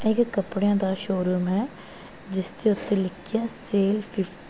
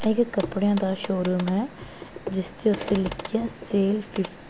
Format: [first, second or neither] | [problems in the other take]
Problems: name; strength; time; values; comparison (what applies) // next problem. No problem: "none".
first | background sound (Clock); 13 dB below the speech